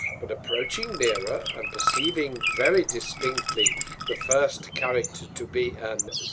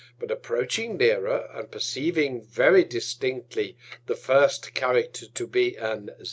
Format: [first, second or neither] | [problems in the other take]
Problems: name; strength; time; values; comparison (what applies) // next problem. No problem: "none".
second | background sound (Bird + Liquid); 2 dB below the speech